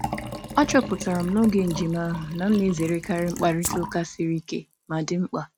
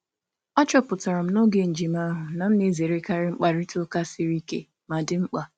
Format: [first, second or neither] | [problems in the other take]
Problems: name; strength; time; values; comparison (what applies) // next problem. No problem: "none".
second | background sound (Rattle (instrument) + Liquid); 11 dB below the speech